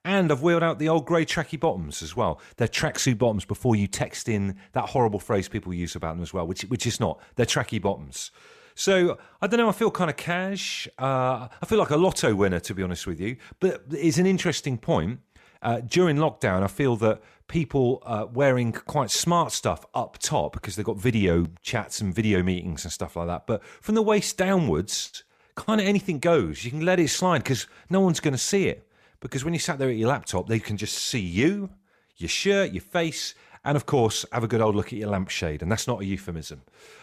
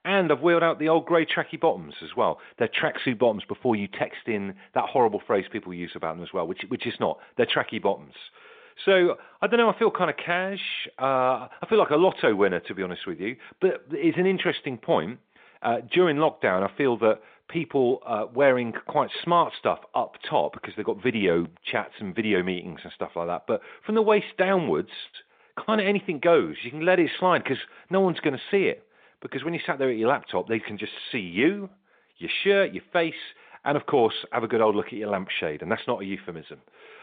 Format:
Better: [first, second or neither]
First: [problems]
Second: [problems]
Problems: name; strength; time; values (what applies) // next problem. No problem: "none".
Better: first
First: none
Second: phone-call audio; nothing above 3.5 kHz